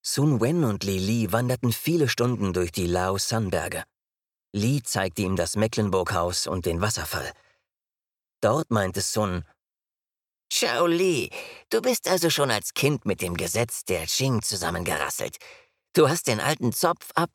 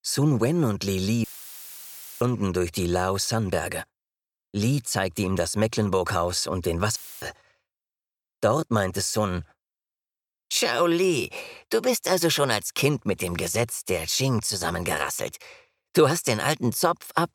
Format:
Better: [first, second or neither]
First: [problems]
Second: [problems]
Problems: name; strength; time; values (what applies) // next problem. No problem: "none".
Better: first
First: none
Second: audio cutting out; filled with static; at 1 s for 1 s and at 7 s